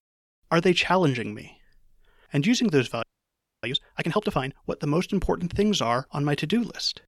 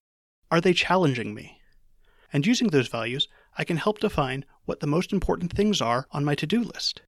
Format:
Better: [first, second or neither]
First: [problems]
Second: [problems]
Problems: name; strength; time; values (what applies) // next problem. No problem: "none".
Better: second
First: audio freezing; at 3 s for 0.5 s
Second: none